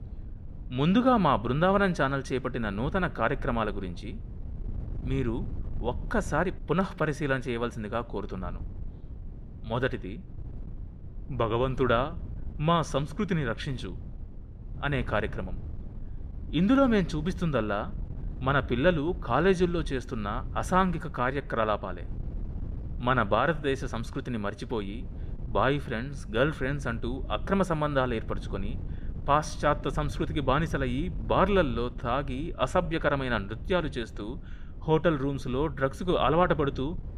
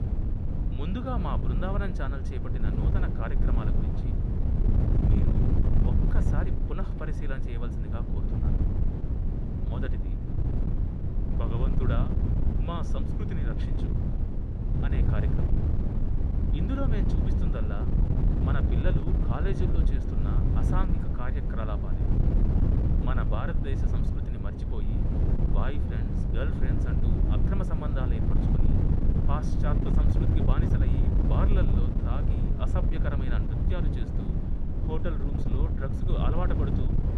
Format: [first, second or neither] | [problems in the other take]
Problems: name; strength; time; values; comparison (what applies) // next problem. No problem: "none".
first | wind noise on the microphone; heavy; as loud as the speech; occasional gusts in the first